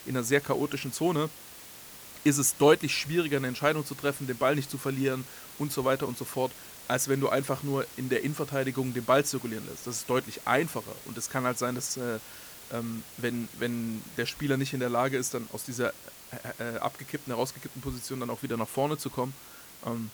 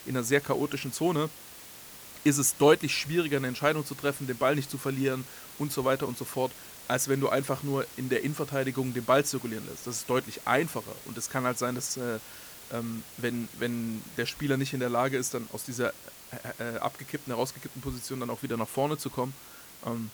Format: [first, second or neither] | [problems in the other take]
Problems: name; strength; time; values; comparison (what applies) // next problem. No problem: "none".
neither | hiss; noticeable; throughout; 15 dB below the speech; the same in both